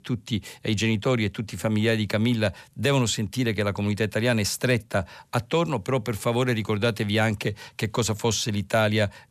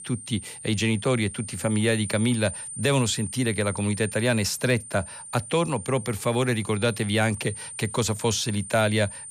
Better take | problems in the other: first | high-pitched whine; noticeable; throughout; 9 kHz, 10 dB below the speech

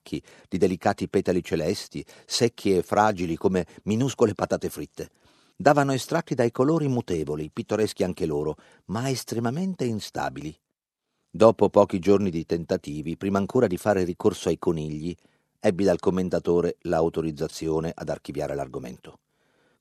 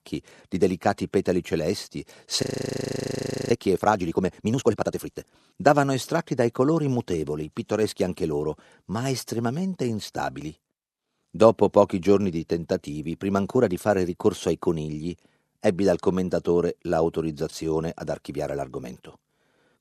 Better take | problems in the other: first | audio freezing; at 2.5 s for 1 s

